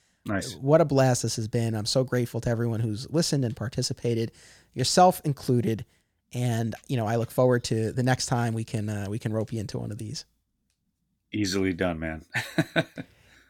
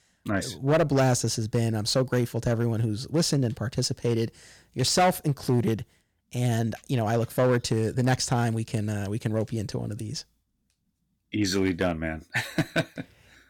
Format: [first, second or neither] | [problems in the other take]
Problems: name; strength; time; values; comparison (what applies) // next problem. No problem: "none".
first | distortion; slight; 4% of the sound clipped